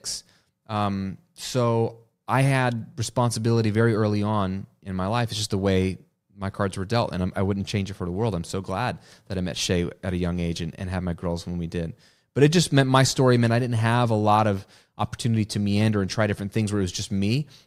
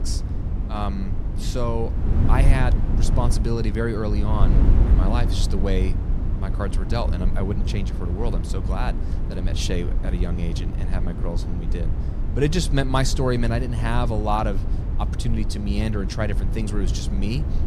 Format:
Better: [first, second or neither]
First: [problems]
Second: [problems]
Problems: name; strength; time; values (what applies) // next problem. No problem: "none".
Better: first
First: none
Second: wind noise on the microphone; heavy; 8 dB below the speech